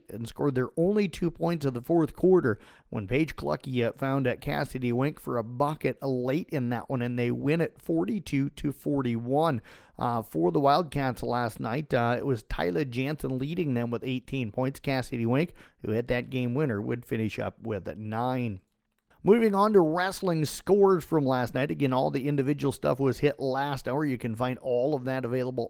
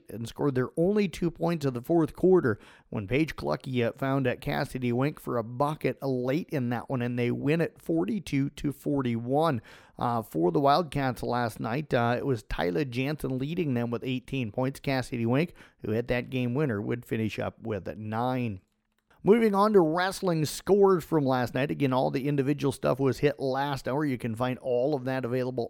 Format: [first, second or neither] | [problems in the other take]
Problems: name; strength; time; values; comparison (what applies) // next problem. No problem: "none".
second | garbled, watery; slightly; nothing above 17.5 kHz